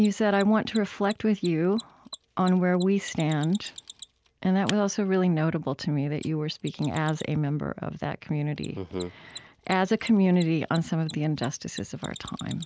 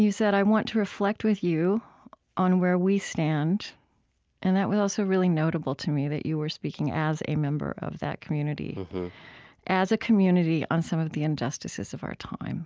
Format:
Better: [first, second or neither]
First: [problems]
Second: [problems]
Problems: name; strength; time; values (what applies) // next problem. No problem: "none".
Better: second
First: background sound (Mechanisms); 20 dB below the speech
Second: none